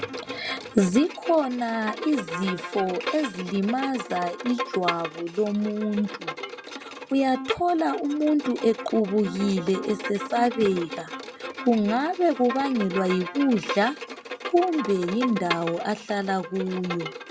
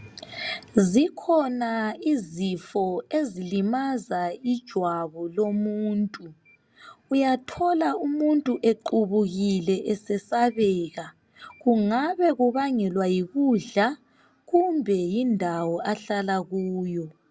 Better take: second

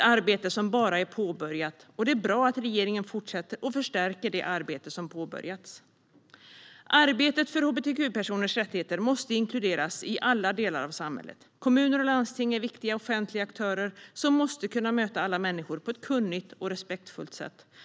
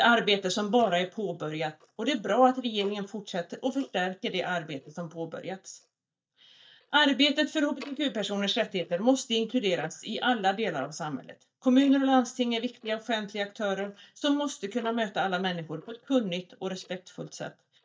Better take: first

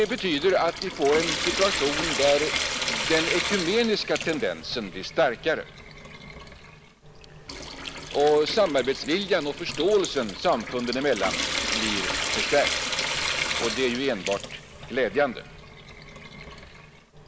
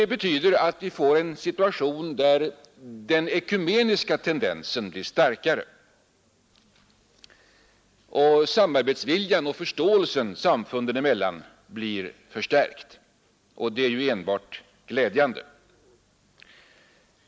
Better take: second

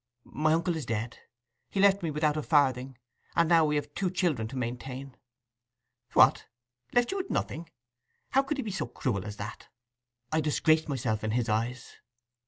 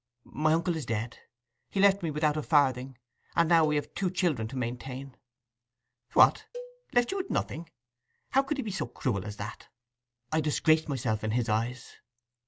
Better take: first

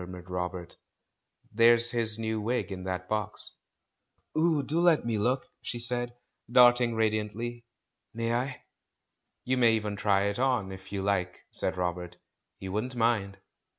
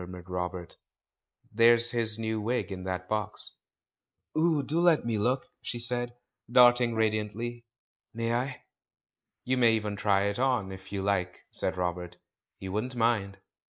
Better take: first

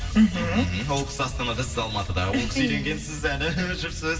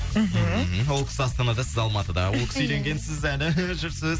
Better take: second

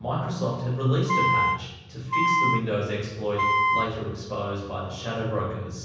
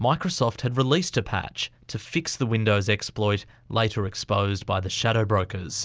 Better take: second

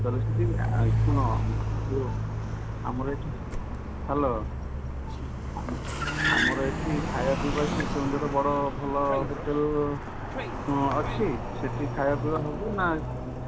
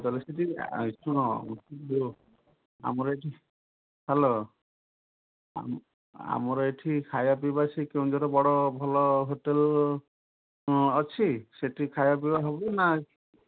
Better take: second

